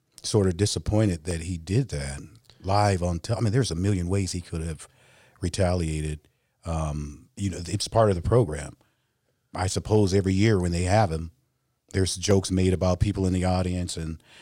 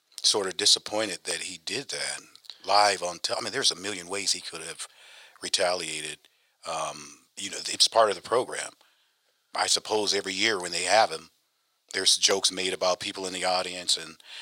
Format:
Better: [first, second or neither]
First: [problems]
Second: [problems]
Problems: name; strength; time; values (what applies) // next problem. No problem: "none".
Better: first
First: none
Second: thin; very; fading below 750 Hz